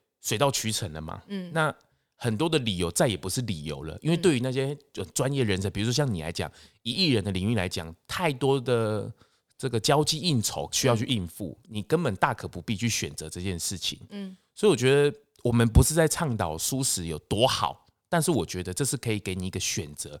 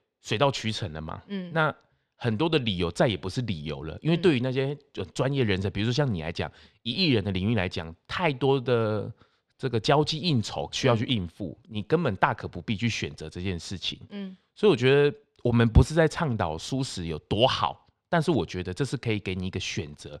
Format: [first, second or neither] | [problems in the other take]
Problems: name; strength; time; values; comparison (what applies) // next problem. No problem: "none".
first | muffled; very slightly; fading above 3 kHz